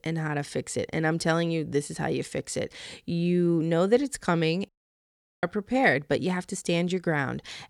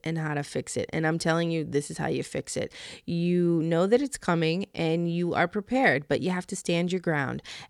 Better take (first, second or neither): second